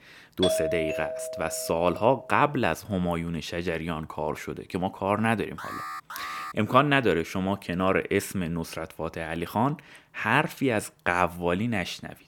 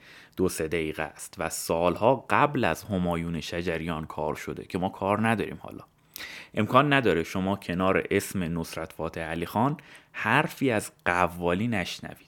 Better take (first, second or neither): second